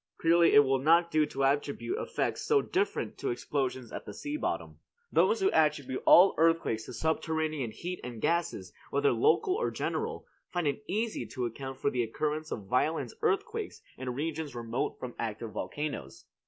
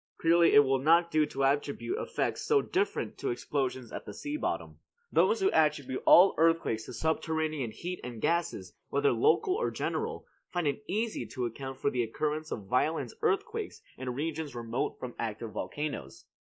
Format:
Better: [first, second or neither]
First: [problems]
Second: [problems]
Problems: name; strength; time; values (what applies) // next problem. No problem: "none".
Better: first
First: none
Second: noise reduction (neural mask model Resemble Enhance denoiser)